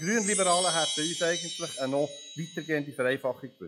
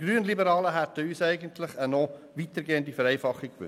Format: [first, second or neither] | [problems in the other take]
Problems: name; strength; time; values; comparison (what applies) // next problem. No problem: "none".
second | noise reduction (classical method log-MMSE)